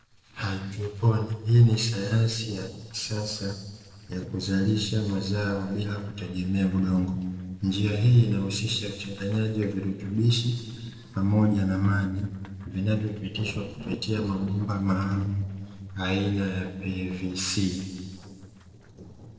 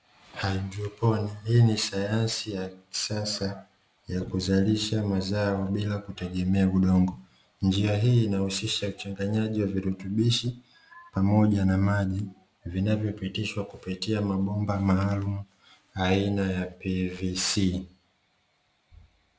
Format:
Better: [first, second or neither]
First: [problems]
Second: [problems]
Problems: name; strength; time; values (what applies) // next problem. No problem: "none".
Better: second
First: noise reduction (neural separator model SepFormer DNS4)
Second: none